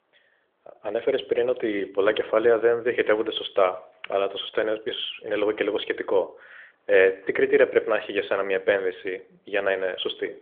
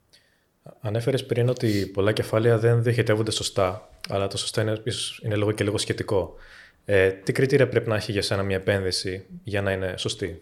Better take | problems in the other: second | phone-call audio; nothing above 3.5 kHz

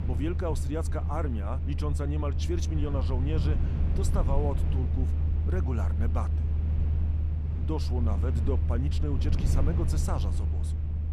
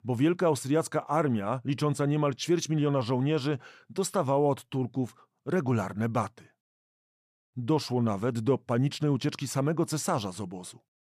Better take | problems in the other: second | low rumble; loud; throughout; 6 dB below the speech

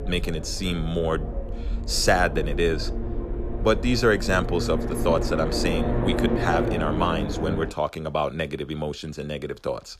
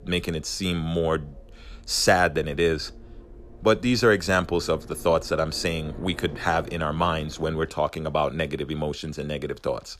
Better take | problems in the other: second | low rumble; loud; until 7.5 s; 7 dB below the speech; faint in the second

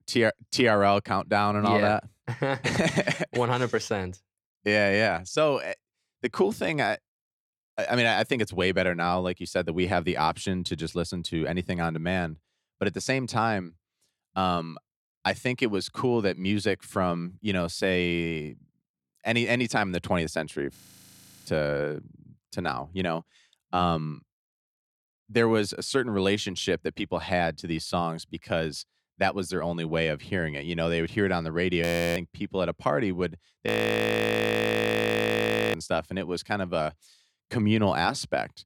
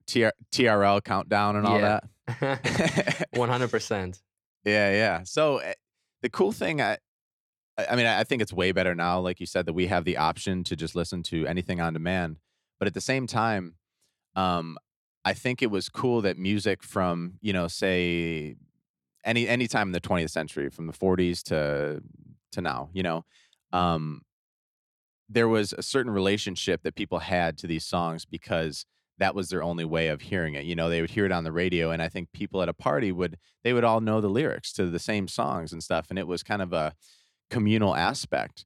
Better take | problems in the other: second | audio freezing; at 21 s for 0.5 s, at 32 s and at 34 s for 2 s

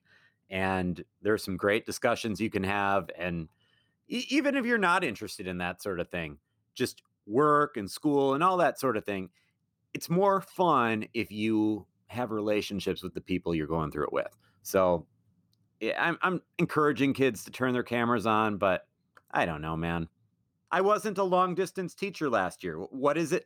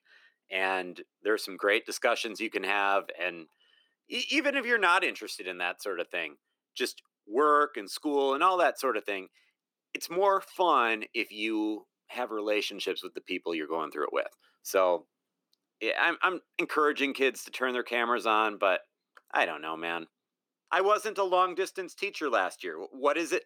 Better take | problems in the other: first | thin; somewhat; fading below 300 Hz

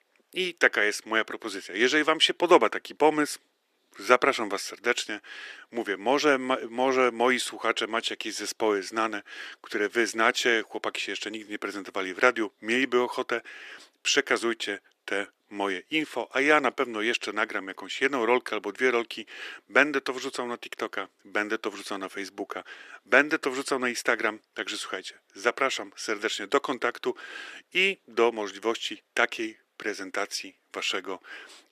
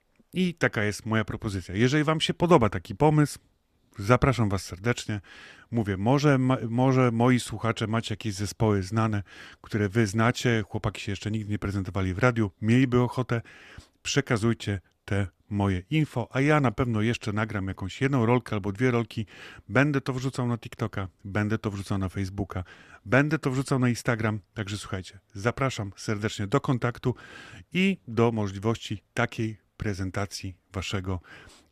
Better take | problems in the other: second | thin; very; fading below 350 Hz

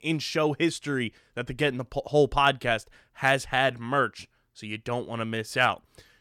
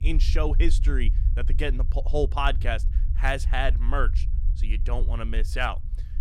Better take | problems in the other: first | low rumble; noticeable; throughout; 20 dB below the speech

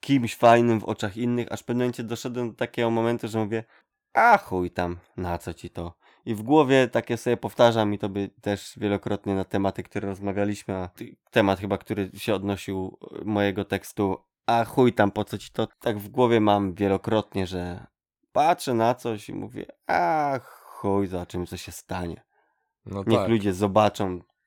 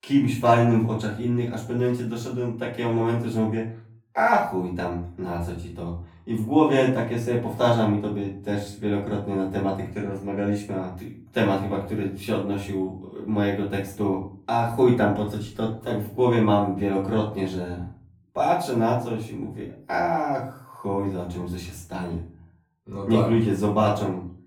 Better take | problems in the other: first | off-mic speech; far // room echo; noticeable; dies away in 0.4 s

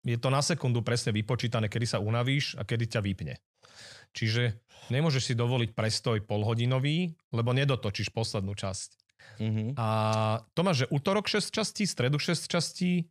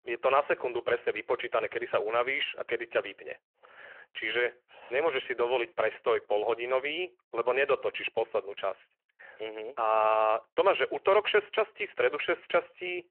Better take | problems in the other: first | phone-call audio

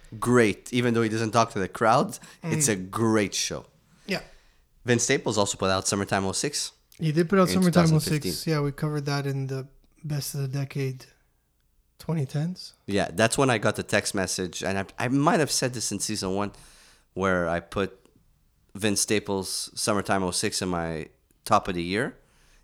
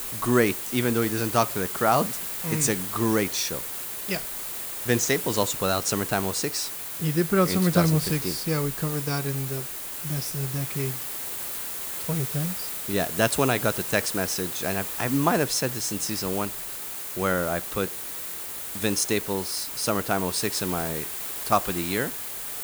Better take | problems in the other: first | hiss; loud; throughout; 4 dB below the speech

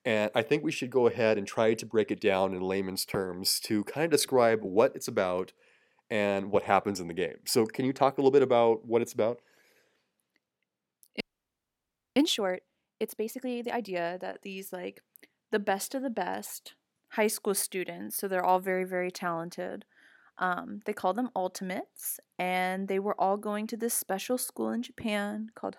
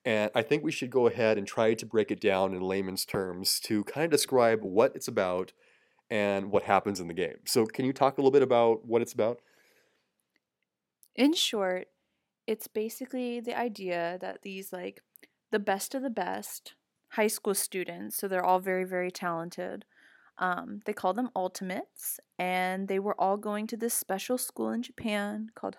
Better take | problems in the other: second | audio freezing; at 11 s for 1 s

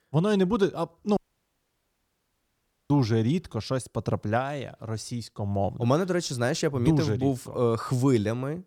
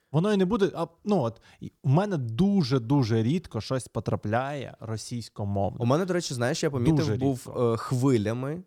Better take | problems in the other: second | audio cutting out; at 1 s for 1.5 s

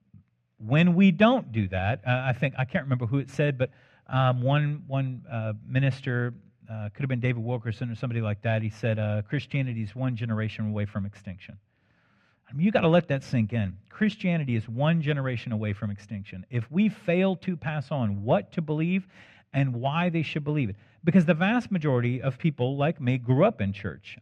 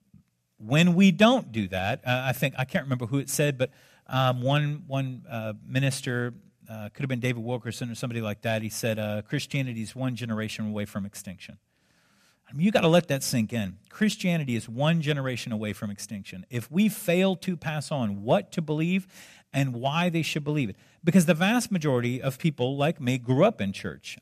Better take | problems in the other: second | muffled; very; fading above 2 kHz

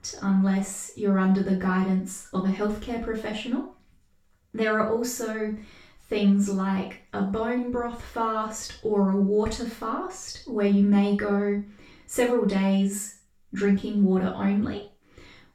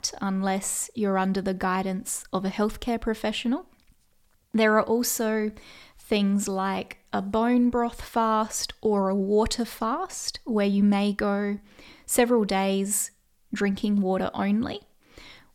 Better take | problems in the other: second | room echo; noticeable; dies away in 0.3 s // off-mic speech; far

